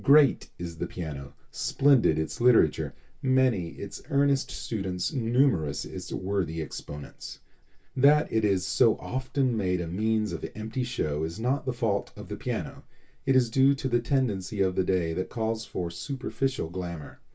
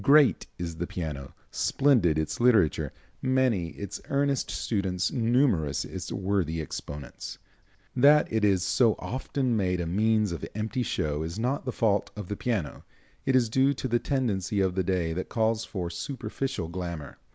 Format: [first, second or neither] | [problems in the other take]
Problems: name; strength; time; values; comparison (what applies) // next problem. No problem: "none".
second | room echo; dies away in 0.1 s